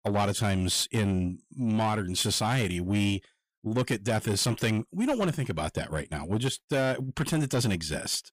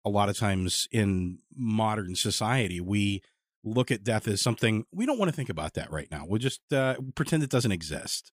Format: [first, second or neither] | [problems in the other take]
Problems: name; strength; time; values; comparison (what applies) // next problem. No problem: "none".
second | distortion; slight; 10 dB below the speech